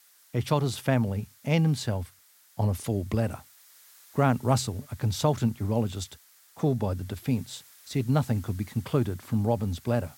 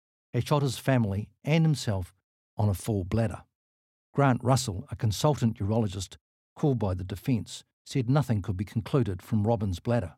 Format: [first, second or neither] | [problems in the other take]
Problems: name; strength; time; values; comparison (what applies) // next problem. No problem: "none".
second | hiss; faint; throughout; 25 dB below the speech